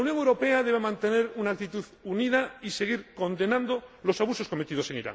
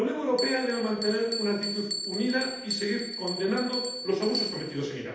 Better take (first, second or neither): first